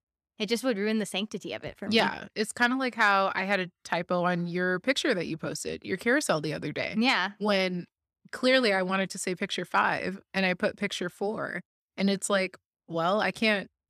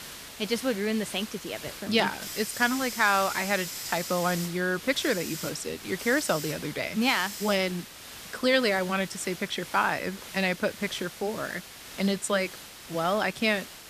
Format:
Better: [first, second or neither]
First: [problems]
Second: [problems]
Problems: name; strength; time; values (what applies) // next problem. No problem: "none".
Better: first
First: none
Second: hiss; noticeable; throughout; 10 dB below the speech